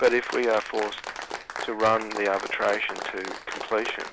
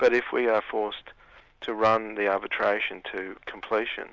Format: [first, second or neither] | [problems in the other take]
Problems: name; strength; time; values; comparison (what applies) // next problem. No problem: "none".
second | background sound (Applause); 9 dB below the speech